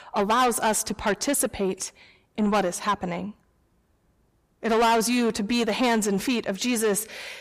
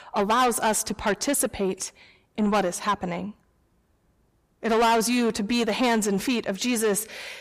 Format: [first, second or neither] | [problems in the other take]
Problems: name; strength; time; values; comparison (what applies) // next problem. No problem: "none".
neither | distortion; heavy; 6 dB below the speech; the same in both